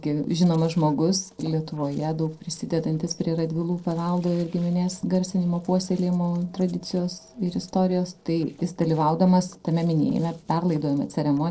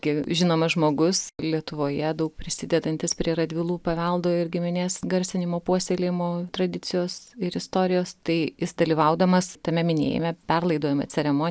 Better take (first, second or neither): second